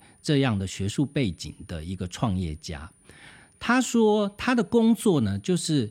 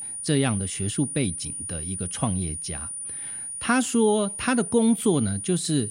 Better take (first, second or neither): first